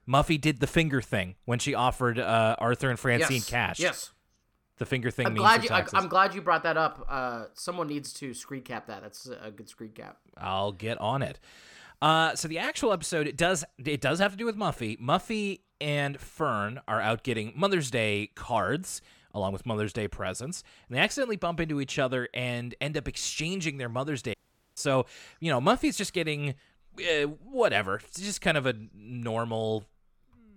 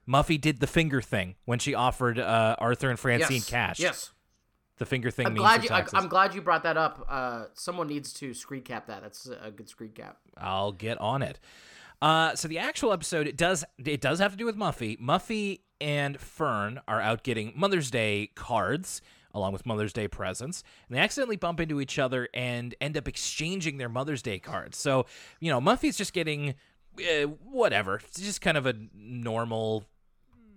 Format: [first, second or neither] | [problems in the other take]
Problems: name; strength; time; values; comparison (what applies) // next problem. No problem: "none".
second | audio cutting out; at 24 s